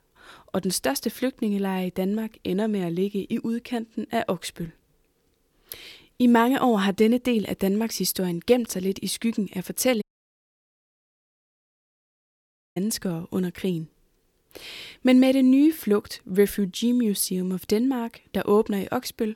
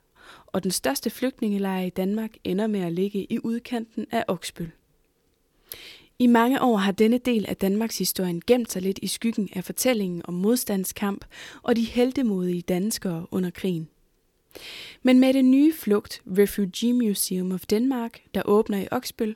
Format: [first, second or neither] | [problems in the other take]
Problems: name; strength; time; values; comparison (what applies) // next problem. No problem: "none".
second | audio cutting out; at 10 s for 2.5 s